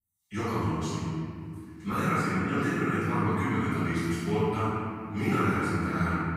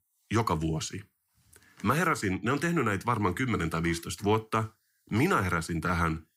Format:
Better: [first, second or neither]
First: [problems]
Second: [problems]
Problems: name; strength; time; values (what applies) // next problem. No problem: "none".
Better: second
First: off-mic speech; far // room echo; strong; dies away in 2.5 s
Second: none